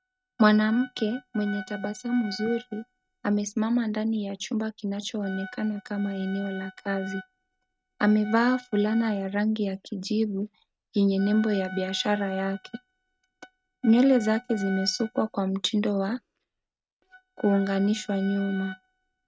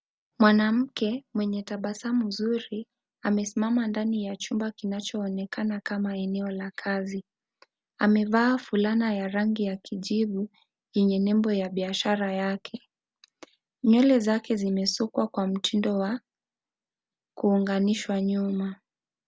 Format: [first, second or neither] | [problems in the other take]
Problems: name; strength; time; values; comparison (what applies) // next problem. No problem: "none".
second | noise reduction (neural mask model RNNoise)